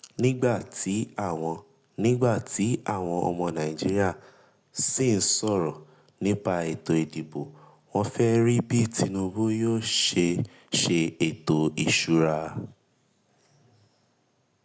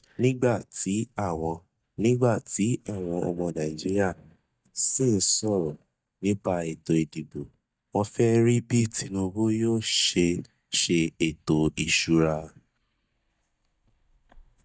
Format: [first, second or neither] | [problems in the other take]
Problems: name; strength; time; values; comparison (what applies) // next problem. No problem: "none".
first | noise reduction (neural mask model DeepFilterNet 3)